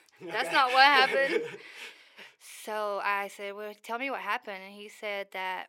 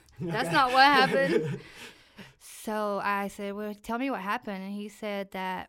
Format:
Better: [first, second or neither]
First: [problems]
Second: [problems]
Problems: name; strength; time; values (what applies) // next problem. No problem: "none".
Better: second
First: thin; somewhat; fading below 450 Hz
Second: none